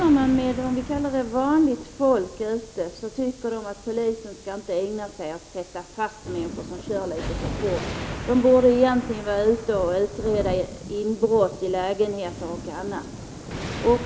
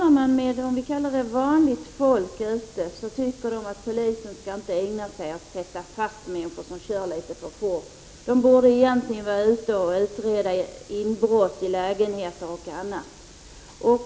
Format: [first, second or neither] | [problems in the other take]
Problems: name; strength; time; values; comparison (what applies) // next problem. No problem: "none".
second | background sound (Thunder); 12 dB below the speech